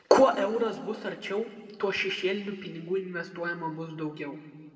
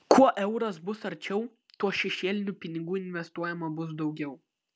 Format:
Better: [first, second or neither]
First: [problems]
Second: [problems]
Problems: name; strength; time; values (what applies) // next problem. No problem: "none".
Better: second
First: room echo; dies away in 1.9 s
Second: none